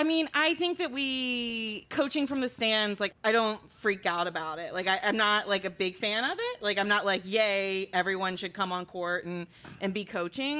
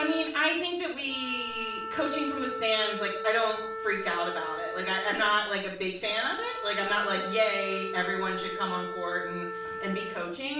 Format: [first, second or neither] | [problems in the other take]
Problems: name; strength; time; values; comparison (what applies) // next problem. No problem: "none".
first | background sound (Wind instrument, woodwind instrument); 6 dB below the speech // room echo; dies away in 0.5 s